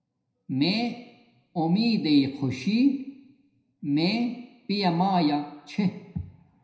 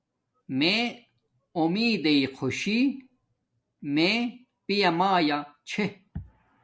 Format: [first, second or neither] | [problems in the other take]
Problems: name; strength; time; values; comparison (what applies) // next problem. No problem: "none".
second | room echo; dies away in 0.8 s